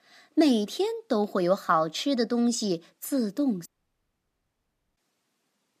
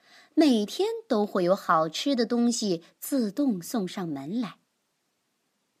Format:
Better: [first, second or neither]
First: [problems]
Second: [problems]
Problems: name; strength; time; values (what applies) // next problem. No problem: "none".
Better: second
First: audio cutting out; at 3.5 s for 1.5 s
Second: none